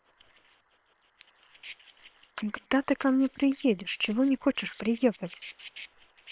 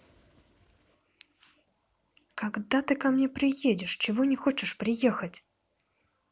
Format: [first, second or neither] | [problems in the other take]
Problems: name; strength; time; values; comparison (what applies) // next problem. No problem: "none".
second | noise reduction (neural separator model SepFormer WHAM!)